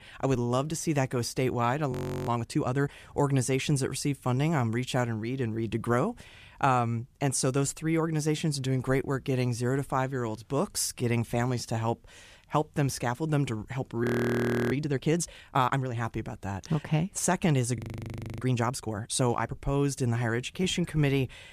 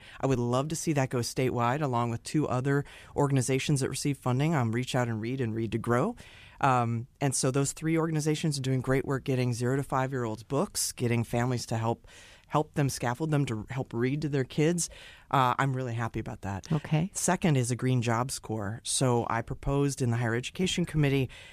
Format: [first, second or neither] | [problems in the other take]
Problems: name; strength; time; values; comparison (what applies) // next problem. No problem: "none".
second | audio freezing; at 2 s, at 14 s for 0.5 s and at 18 s for 0.5 s